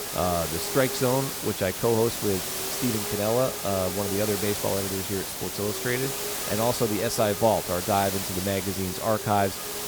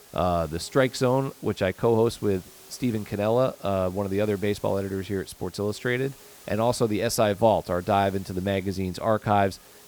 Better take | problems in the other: second | hiss; loud; throughout; 2 dB below the speech; faint in the second

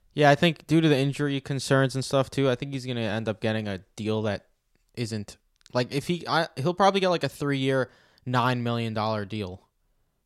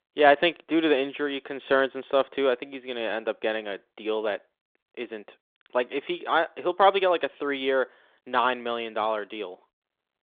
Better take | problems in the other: first | phone-call audio; nothing above 3.5 kHz

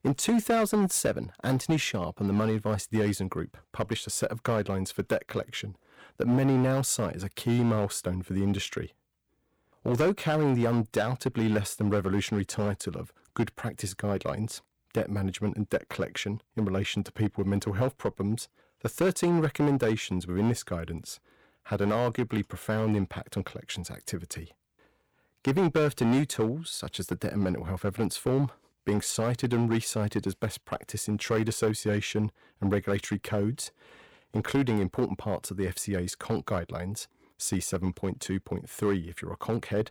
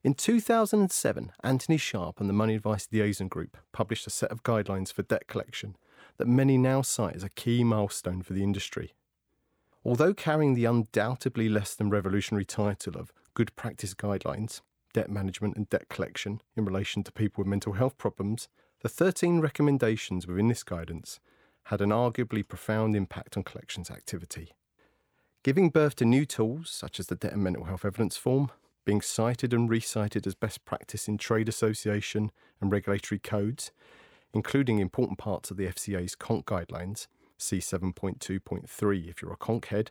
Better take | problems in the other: second | distortion; slight; 5% of the sound clipped

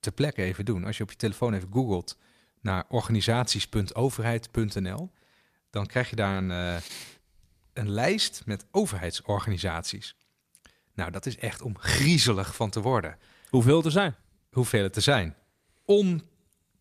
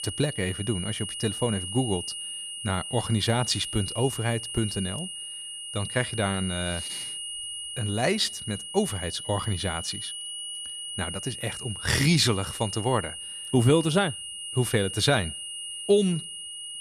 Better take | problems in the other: first | high-pitched whine; loud; throughout; 3 kHz, 7 dB below the speech

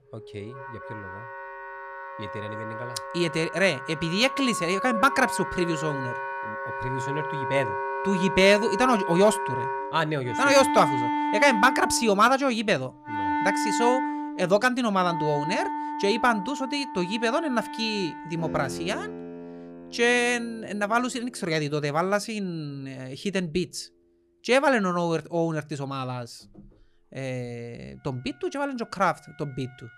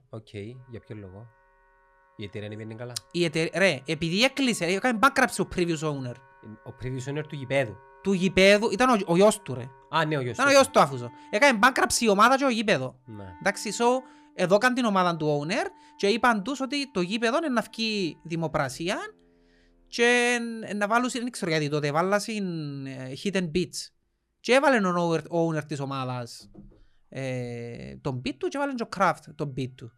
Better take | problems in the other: second | background music; loud; throughout; 6 dB below the speech; faint in the second

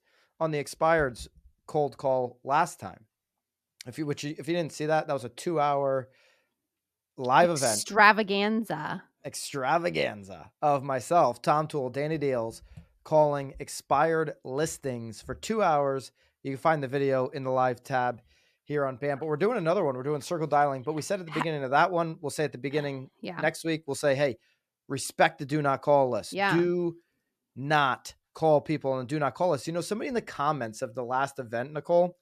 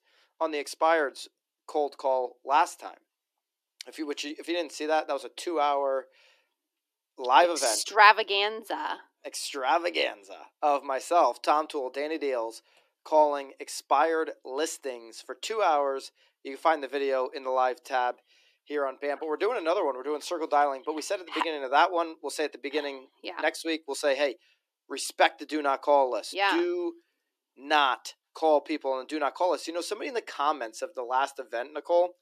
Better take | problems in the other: first | thin; somewhat; fading below 300 Hz

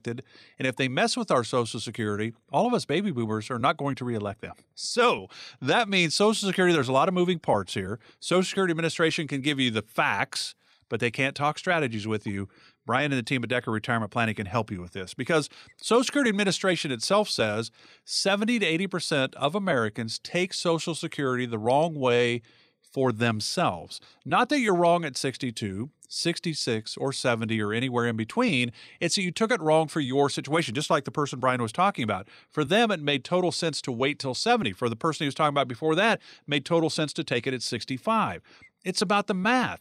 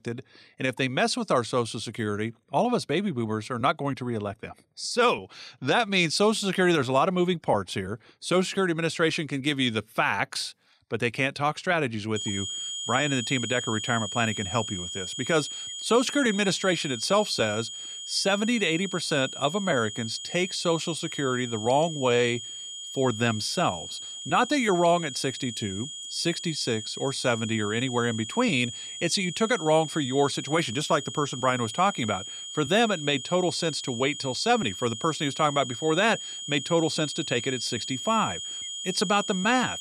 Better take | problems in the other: first | high-pitched whine; loud; from 12 s on; 3 kHz, 8 dB below the speech

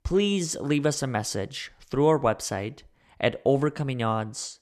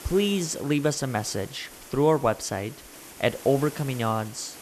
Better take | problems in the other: first | hiss; noticeable; throughout; 15 dB below the speech

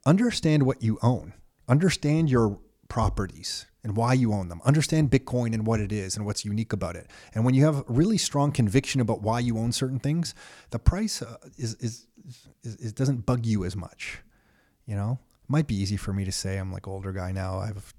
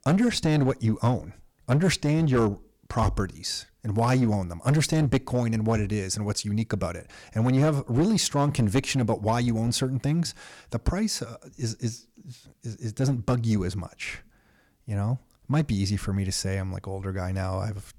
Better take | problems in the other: first | distortion; slight; 5% of the sound clipped

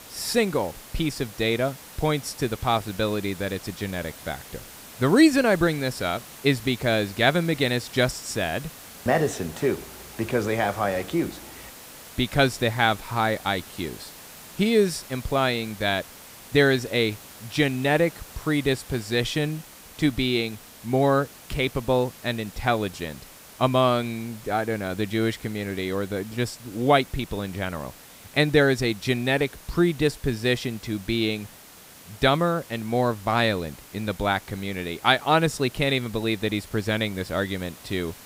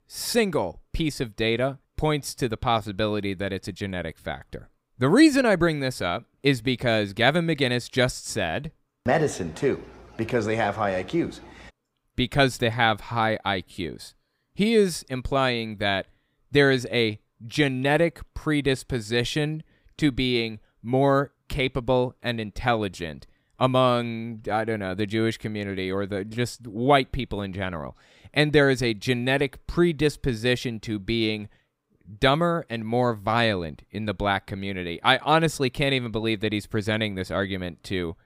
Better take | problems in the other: second | hiss; noticeable; throughout; 20 dB below the speech

